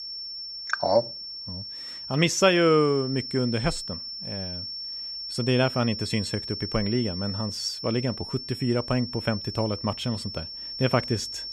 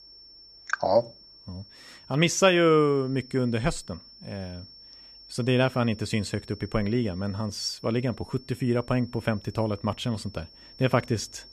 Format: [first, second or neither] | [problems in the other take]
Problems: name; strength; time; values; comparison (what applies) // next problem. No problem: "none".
second | high-pitched whine; loud; throughout; 5.5 kHz, 7 dB below the speech; faint in the second